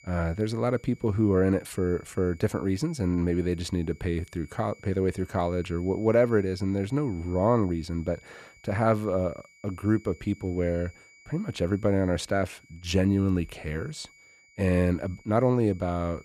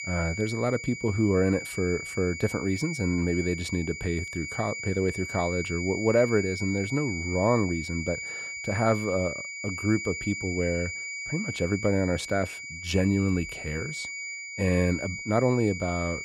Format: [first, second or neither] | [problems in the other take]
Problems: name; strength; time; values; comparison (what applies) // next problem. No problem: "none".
first | high-pitched whine; loud; throughout; 2.5 kHz, 6 dB below the speech; faint in the first